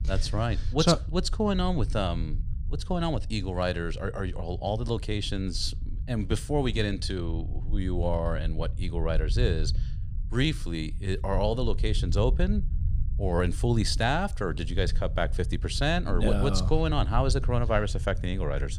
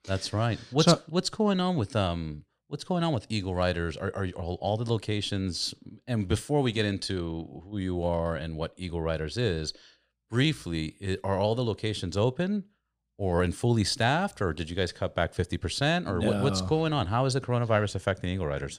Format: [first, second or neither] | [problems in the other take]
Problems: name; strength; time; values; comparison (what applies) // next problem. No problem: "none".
second | low rumble; noticeable; throughout; 20 dB below the speech